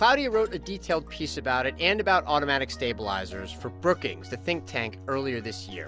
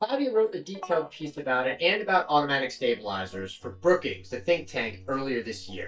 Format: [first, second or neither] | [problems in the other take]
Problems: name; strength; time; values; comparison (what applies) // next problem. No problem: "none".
first | noise reduction (neural mask model DeepFilterNet 3)